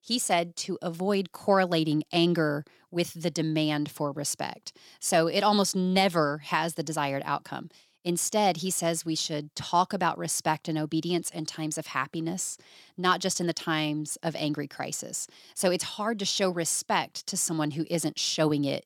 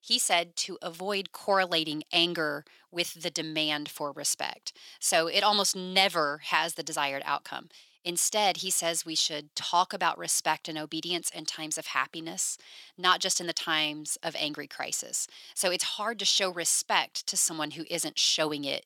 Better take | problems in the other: first | thin; somewhat; fading below 900 Hz

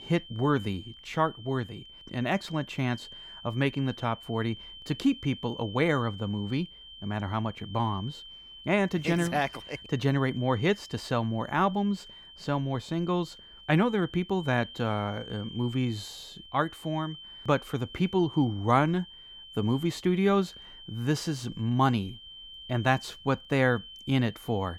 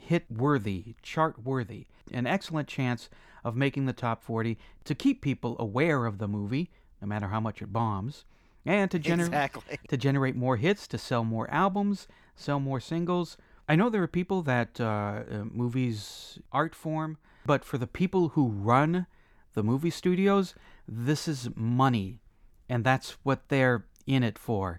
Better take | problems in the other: second | high-pitched whine; noticeable; throughout; 3 kHz, 15 dB below the speech

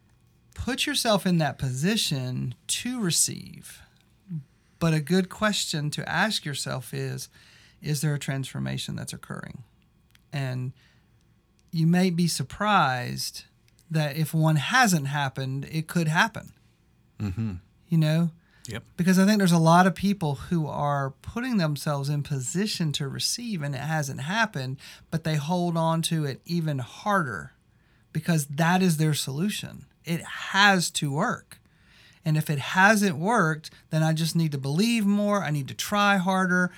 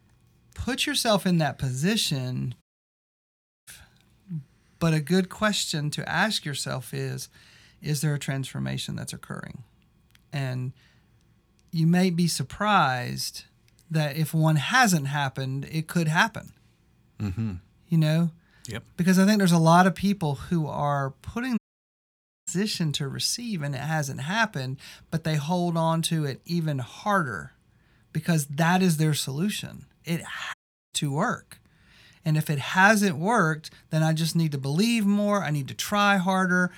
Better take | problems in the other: first | audio cutting out; at 2.5 s for 1 s, at 22 s for 1 s and at 31 s

